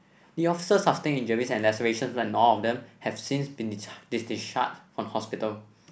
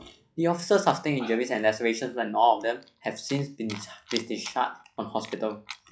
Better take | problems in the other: first | noise reduction (classical method log-MMSE)

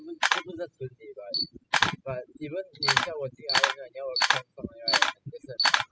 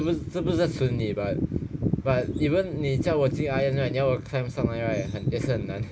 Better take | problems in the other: second | noise reduction (classical method spectral subtraction)

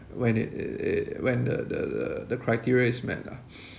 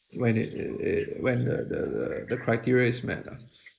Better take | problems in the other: first | noise reduction (neural mask model Resemble Enhance denoiser)

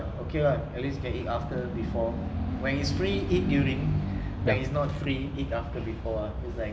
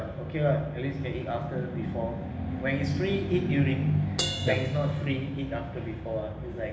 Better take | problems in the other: first | background sound (Crash cymbal); 15 dB below the speech // room echo; dies away in 0.8 s

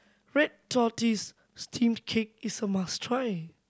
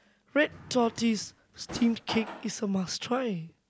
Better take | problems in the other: first | background sound (Drawer open or close); 14 dB below the speech

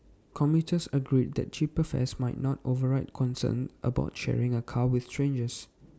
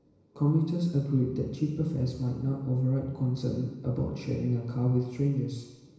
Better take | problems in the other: first | room echo; dies away in 1 s

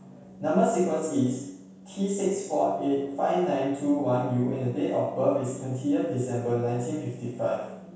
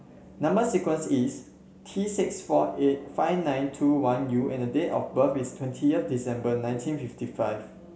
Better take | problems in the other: second | room echo; dies away in 0.7 s

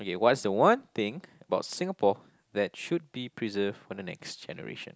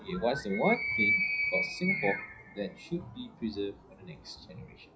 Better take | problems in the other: first | noise reduction (classical method WPE with log-MMSE)

